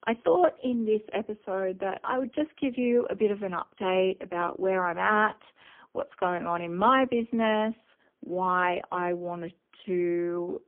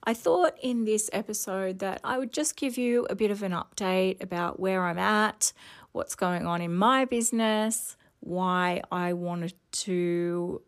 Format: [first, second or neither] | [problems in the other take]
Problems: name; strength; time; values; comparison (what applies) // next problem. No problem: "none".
second | phone-call audio; poor line; nothing above 3 kHz